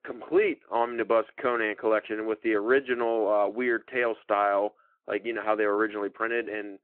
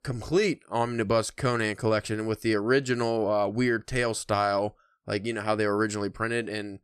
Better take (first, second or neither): second